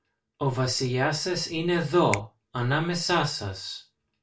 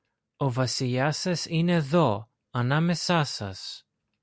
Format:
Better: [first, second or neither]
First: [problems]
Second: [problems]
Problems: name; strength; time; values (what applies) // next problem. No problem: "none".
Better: second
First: background sound (Finger snapping); 15 dB below the speech // room echo; dies away in 0.3 s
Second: none